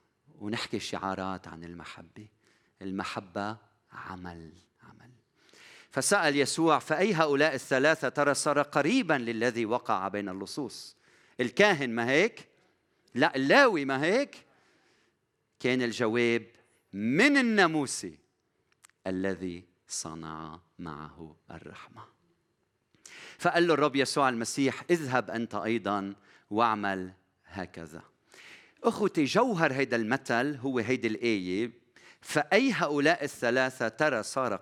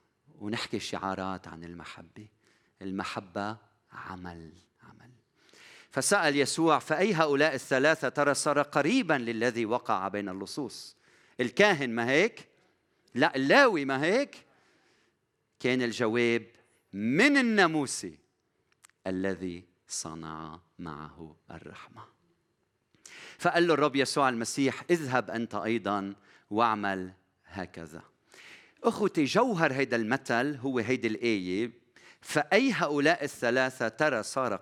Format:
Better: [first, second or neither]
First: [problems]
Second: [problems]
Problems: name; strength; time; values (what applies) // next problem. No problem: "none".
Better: neither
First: none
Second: none